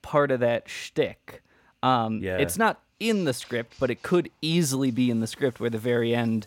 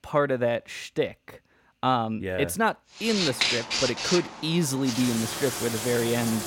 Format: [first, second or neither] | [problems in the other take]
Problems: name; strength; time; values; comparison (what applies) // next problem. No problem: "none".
first | household noises; loud; from 3 s on; 1 dB below the speech; faint in the first